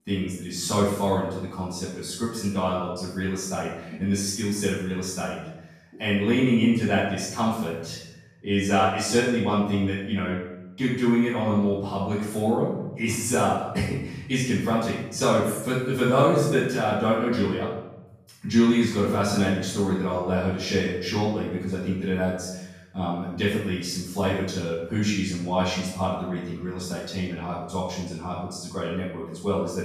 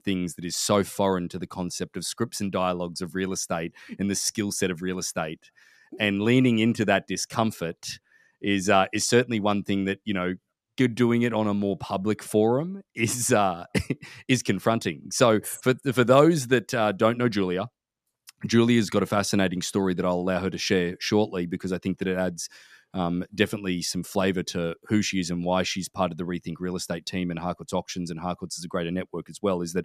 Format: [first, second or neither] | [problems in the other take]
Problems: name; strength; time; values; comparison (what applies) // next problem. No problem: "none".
second | off-mic speech; far // room echo; strong; dies away in 0.8 s